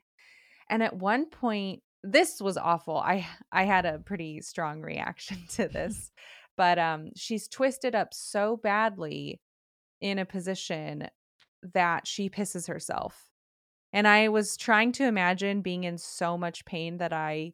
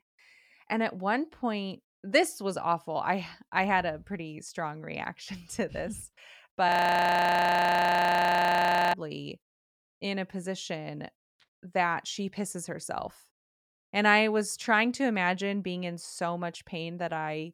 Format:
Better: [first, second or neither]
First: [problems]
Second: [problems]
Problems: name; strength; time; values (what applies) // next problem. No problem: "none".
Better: first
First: none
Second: audio freezing; at 6.5 s for 2 s